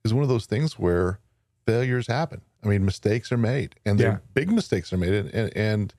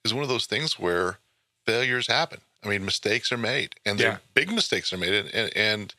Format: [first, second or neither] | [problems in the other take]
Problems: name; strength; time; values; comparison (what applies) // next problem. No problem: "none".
first | thin; somewhat; fading below 1 kHz